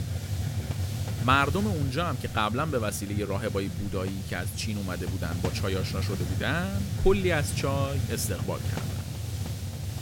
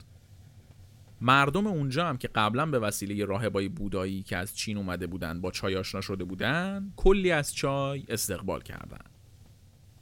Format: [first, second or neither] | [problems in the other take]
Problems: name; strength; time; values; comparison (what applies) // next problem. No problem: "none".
second | hiss; loud; throughout; 3 dB below the speech; faint in the second